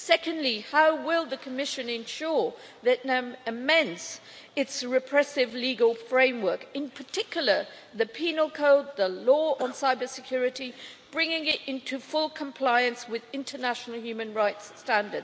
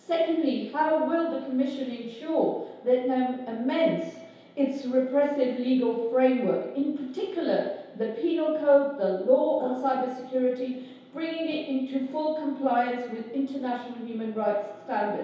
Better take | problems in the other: first | room echo; dies away in 0.8 s

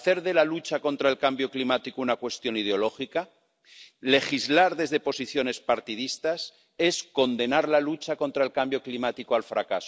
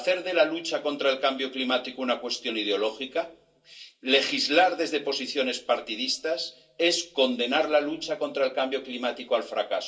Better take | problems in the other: first | room echo; dies away in 0.2 s

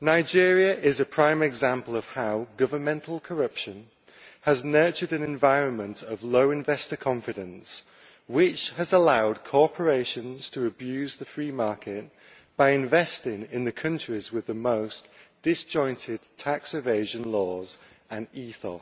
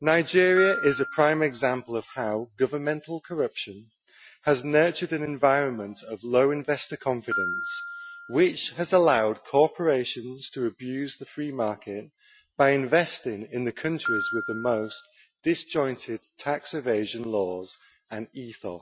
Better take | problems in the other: first | noise reduction (classical method Wiener filter)

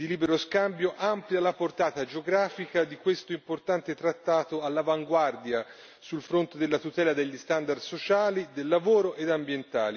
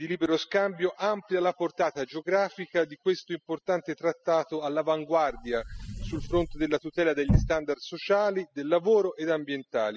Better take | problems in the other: first | noise reduction (classical method spectral subtraction)

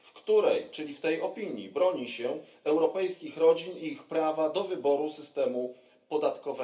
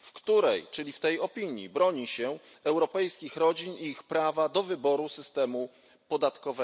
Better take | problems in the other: second | room echo; dies away in 0.3 s

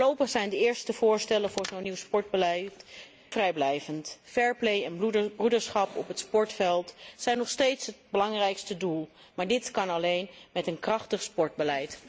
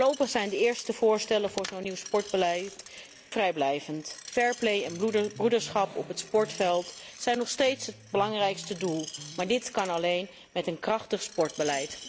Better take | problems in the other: first | background sound (Screech + Electric guitar); 18 dB below the speech

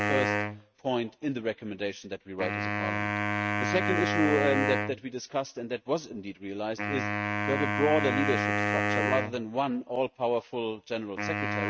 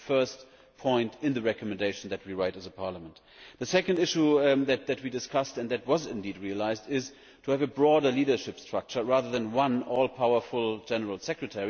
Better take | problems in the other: second | noise reduction (neural mask model RNNoise)

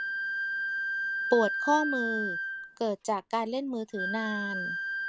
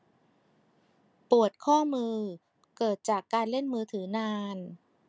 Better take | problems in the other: second | background sound (Wind instrument, woodwind instrument); 2 dB below the speech

